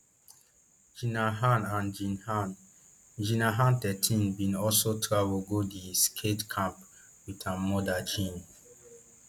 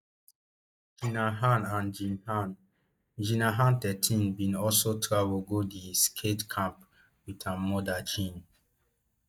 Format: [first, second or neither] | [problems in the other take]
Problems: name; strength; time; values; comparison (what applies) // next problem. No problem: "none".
first | noise reduction (neural mask model DeepFilterNet 3)